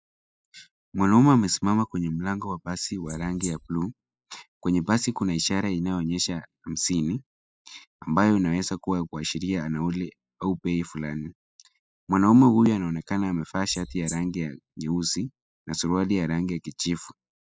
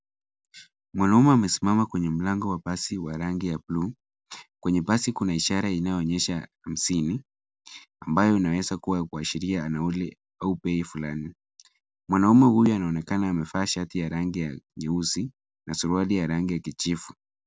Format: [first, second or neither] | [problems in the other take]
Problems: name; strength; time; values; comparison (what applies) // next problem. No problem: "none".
second | noise reduction (classical method spectral subtraction)